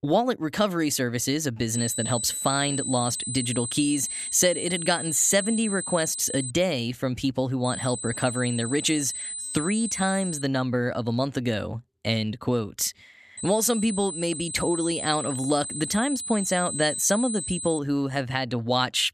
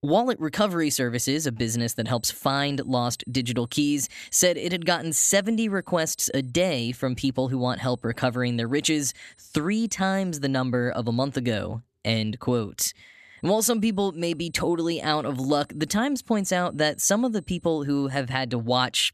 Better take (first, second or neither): second